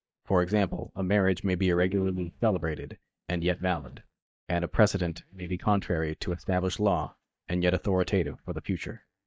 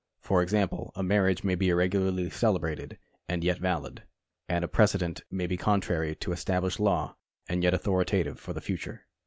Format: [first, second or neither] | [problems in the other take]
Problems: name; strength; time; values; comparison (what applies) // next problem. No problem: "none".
second | noise reduction (neural mask model DeepFilterNet 3)